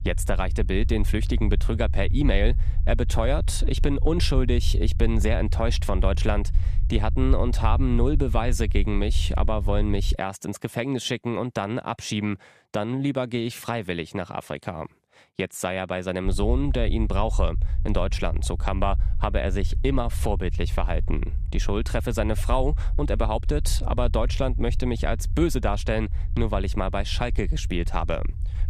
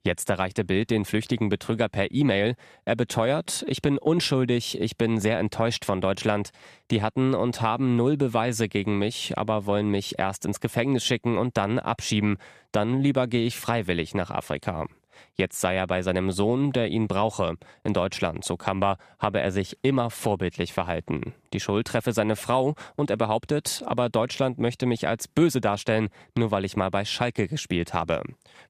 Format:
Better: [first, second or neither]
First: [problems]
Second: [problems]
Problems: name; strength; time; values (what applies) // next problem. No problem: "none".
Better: second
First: low rumble; noticeable; until 10 s and from 16 s on; 20 dB below the speech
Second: none